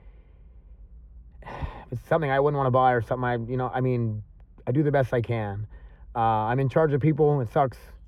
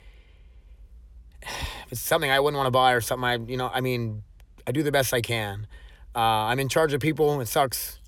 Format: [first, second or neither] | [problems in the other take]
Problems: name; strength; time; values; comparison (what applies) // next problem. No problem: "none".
second | muffled; very; fading above 3 kHz